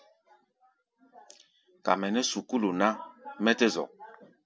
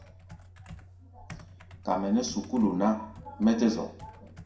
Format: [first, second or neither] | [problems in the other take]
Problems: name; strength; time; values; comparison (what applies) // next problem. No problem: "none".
first | background sound (Computer keyboard); 18 dB below the speech // room echo; dies away in 0.5 s